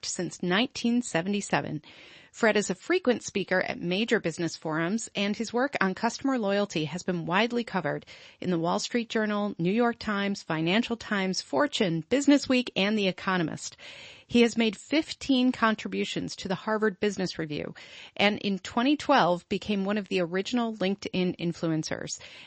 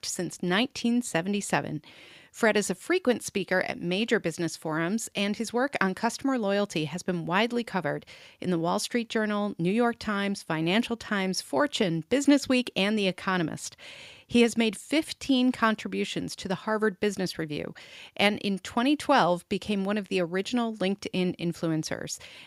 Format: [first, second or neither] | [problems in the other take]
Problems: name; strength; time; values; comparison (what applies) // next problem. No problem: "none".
second | garbled, watery; slightly; nothing above 8 kHz